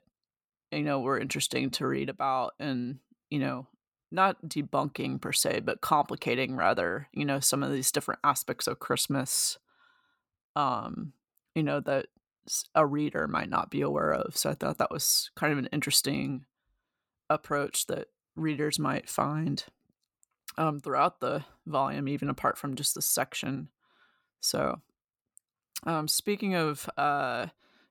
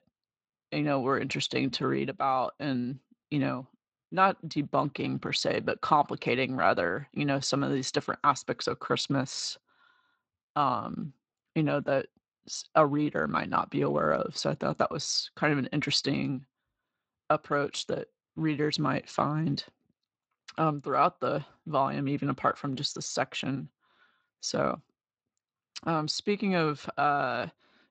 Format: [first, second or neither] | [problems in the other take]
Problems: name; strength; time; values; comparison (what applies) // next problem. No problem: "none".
first | garbled, watery; slightly; nothing above 8 kHz